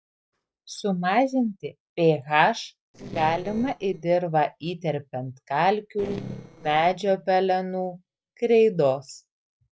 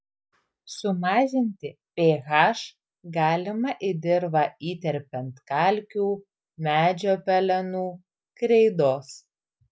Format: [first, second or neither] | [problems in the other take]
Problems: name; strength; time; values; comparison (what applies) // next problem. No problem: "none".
second | noise reduction (neural separator model SepFormer DNS4)